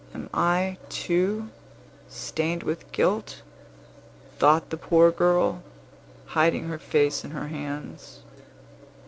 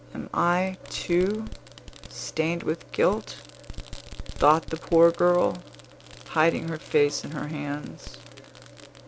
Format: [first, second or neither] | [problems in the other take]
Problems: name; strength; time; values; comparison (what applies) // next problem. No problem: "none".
first | background sound (Fireworks); 17 dB below the speech